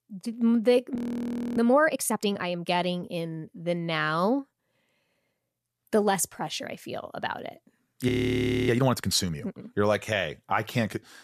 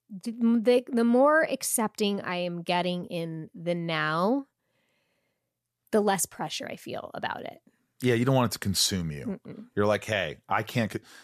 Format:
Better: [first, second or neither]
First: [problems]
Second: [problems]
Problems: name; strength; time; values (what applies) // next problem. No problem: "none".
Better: second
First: audio freezing; at 1 s for 0.5 s and at 8 s for 0.5 s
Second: none